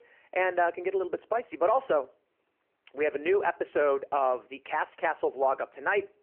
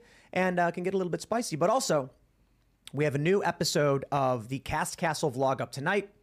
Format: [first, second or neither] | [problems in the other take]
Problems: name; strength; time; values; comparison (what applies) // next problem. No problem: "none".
second | phone-call audio